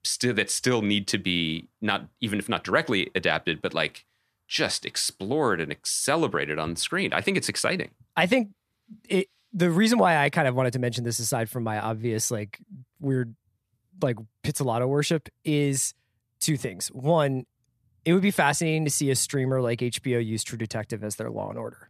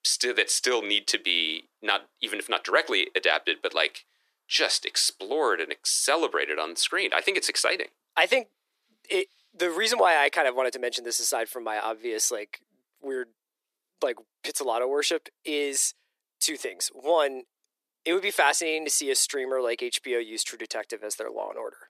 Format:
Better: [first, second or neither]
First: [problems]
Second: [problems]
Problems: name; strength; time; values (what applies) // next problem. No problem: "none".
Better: first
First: none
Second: thin; very; fading below 350 Hz